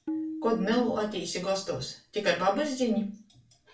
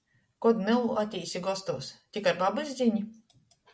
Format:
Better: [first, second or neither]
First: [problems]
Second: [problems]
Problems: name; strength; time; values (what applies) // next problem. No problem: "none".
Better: second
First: background sound (Tabla); 11 dB below the speech // room echo; dies away in 0.3 s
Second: none